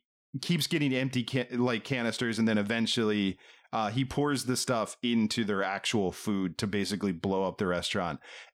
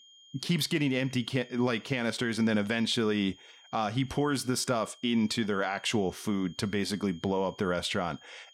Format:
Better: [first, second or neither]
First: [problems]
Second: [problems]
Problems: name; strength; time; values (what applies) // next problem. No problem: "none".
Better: first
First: none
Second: high-pitched whine; faint; throughout; 3 kHz, 25 dB below the speech